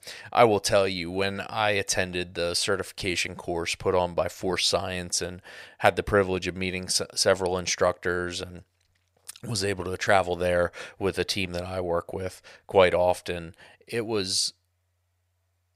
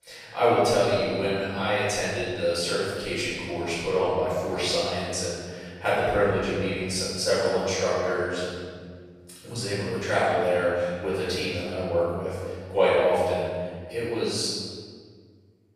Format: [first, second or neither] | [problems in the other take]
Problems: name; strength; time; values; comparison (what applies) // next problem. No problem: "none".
first | room echo; strong; dies away in 1.8 s // off-mic speech; far